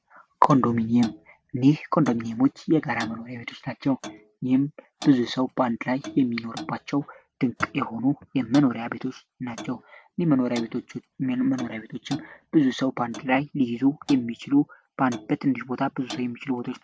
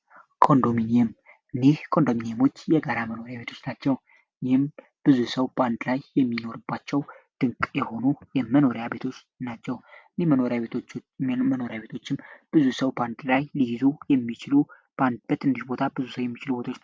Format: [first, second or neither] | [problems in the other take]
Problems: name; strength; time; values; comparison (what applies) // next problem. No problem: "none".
second | background sound (Clock); 19 dB below the speech